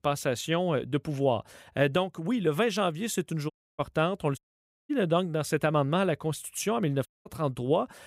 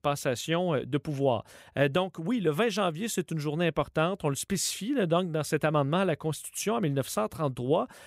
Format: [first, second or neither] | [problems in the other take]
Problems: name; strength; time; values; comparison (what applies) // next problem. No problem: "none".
second | audio cutting out; at 3.5 s, at 4.5 s for 0.5 s and at 7 s